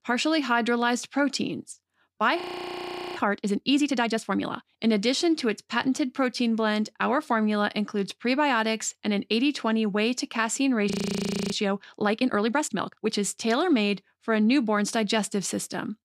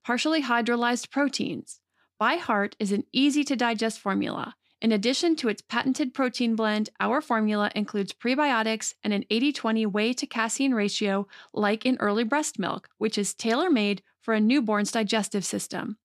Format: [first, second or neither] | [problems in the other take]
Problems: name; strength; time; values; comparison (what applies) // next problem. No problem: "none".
second | audio freezing; at 2.5 s for 1 s and at 11 s for 0.5 s